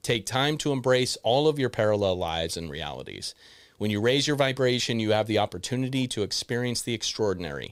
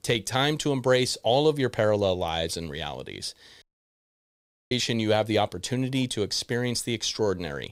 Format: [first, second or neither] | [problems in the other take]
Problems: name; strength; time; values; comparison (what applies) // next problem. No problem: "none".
first | audio cutting out; at 3.5 s for 1 s